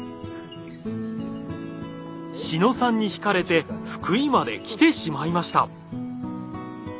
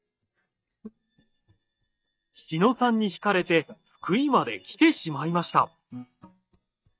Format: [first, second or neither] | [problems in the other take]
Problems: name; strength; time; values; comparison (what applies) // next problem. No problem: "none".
first | noise reduction (neural mask model DeepFilterNet 3)